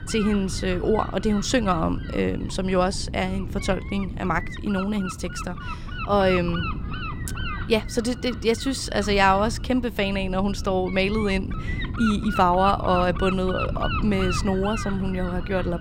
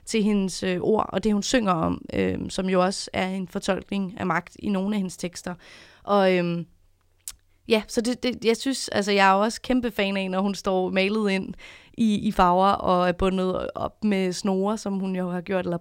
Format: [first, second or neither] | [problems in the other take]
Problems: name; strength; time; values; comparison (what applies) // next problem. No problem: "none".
second | wind noise on the microphone; heavy; 9 dB below the speech